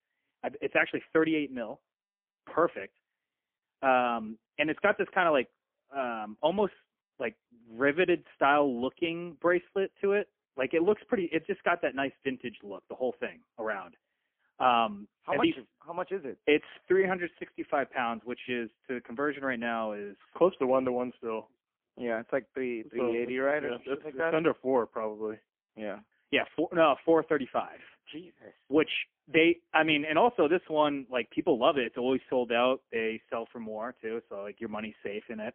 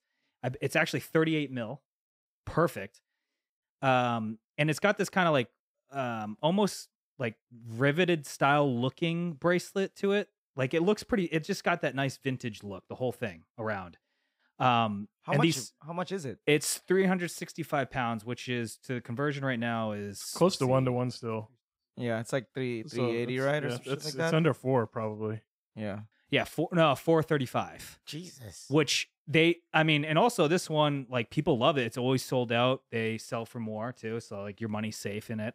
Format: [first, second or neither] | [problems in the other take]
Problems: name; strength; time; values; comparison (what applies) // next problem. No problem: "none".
second | phone-call audio; poor line; nothing above 3.5 kHz